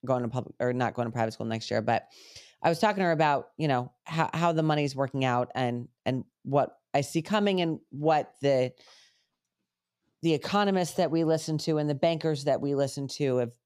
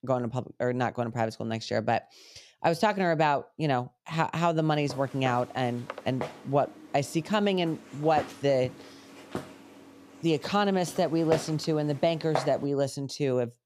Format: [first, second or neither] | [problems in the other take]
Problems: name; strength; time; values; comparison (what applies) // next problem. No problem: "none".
first | footsteps; noticeable; from 5 to 12 s; peak 5 dB below the speech